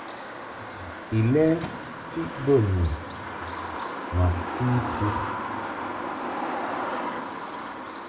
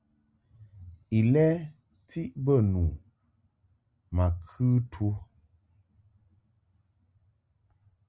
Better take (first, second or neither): second